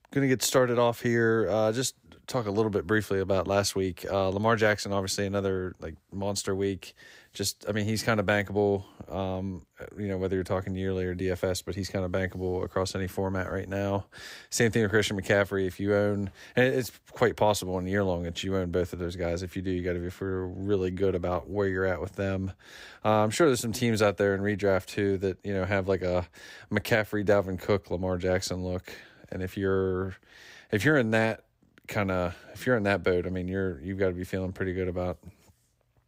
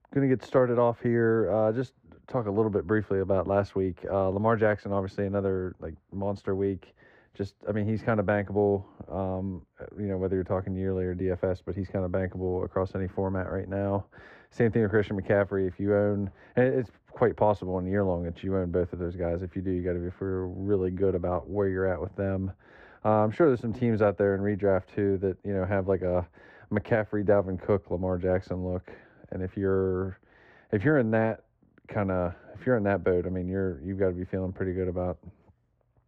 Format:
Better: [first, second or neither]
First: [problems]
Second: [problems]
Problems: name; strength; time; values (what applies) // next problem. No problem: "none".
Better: first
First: none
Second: muffled; very; fading above 3.5 kHz